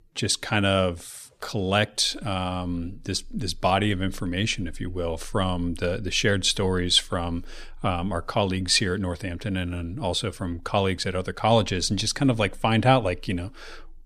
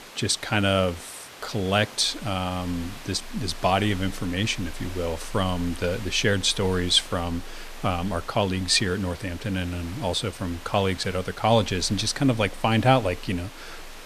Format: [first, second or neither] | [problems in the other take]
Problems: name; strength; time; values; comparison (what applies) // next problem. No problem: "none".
first | hiss; noticeable; throughout; 15 dB below the speech